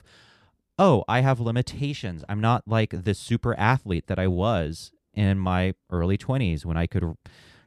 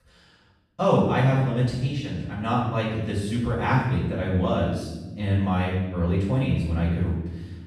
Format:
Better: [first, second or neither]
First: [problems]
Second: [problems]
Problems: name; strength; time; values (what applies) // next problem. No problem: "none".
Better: first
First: none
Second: off-mic speech; far // room echo; noticeable; dies away in 1 s